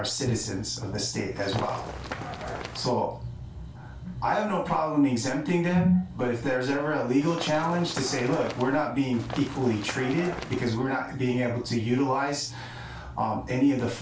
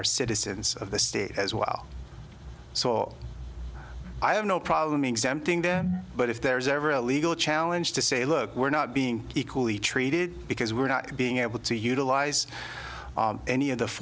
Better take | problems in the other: second | background sound (Run); 11 dB below the speech // room echo; dies away in 0.3 s

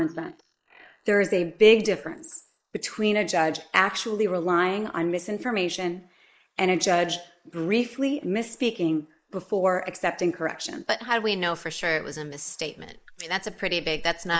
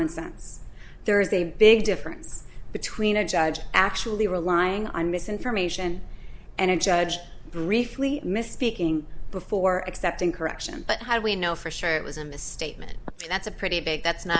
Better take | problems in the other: second | noise reduction (neural mask model Resemble Enhance denoiser)

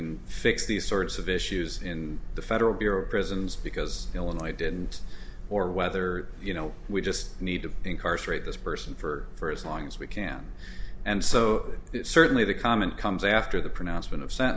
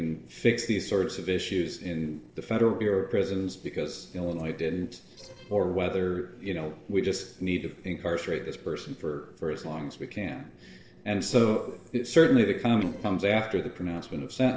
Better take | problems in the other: first | noise reduction (neural separator model SepFormer DNS4)

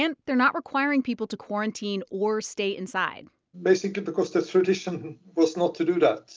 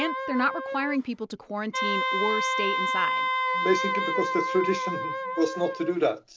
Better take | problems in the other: first | background sound (Wind instrument, woodwind instrument); as loud as the speech

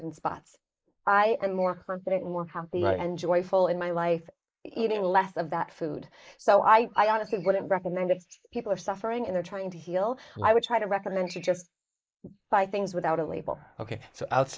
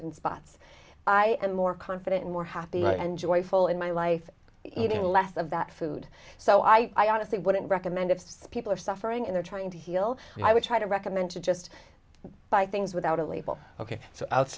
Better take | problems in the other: second | noise reduction (neural mask model Resemble Enhance denoiser)

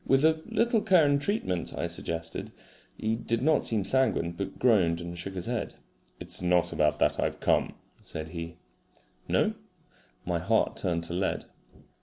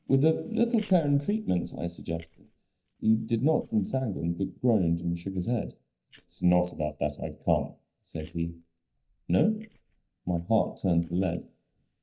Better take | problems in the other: first | noise reduction (neural mask model DeepFilterNet 3)

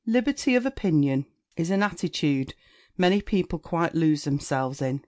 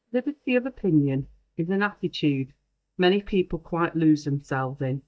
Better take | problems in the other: first | noise reduction (neural mask model DeepFilterNet 3)

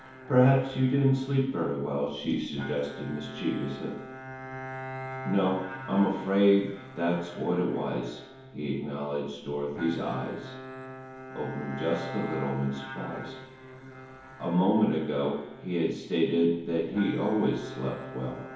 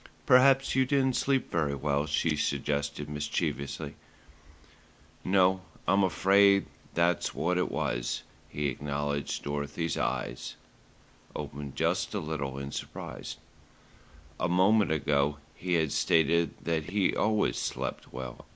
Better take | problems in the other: second | background sound (Bowed string instrument); 13 dB below the speech // room echo; dies away in 2.2 s

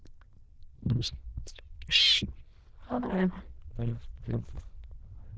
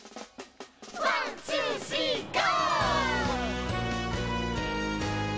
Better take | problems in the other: second | noise reduction (neural diffusion model UNIVERSE++)

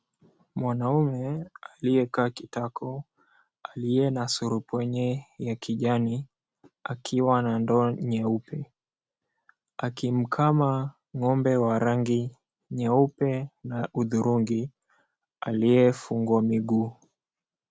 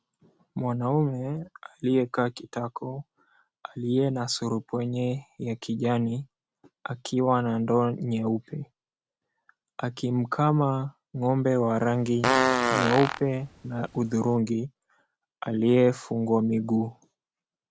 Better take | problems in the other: first | background sound (Fart); 1 dB below the speech

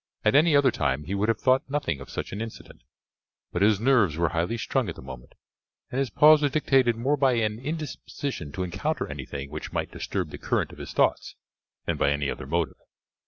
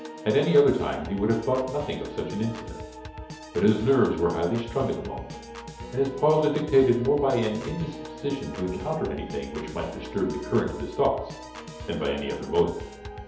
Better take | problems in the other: first | background sound (Piano / Organ); 13 dB below the speech // room echo; dies away in 2.2 s

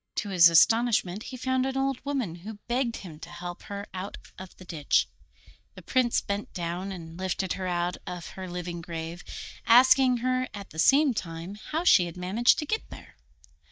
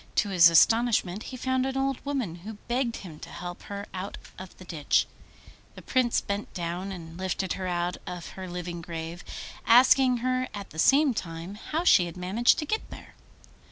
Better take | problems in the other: second | noise reduction (neural mask model DeepFilterNet 3)

